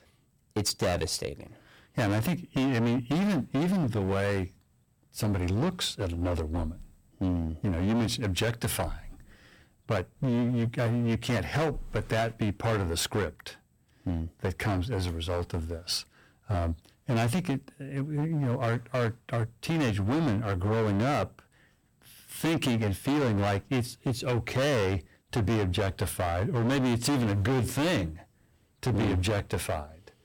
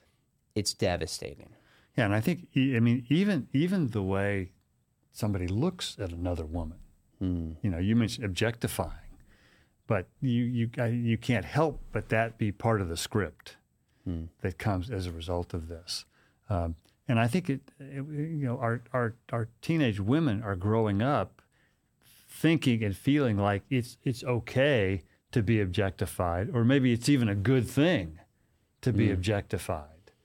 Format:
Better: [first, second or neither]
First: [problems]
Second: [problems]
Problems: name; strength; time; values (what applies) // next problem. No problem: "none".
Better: second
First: distortion; heavy; 19% of the sound clipped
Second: none